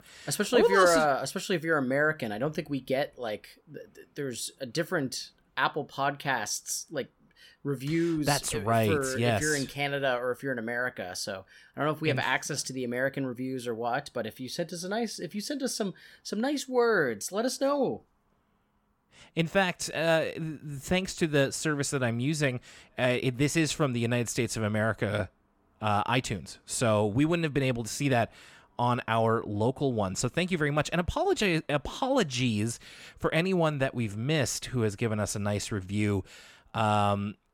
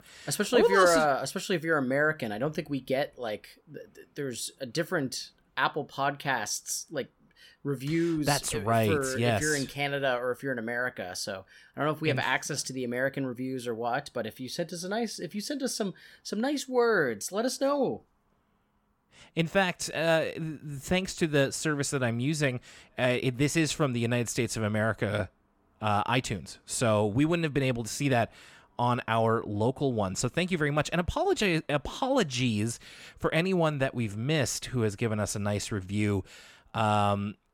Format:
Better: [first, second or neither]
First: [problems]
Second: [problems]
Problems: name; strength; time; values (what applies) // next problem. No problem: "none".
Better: neither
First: none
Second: none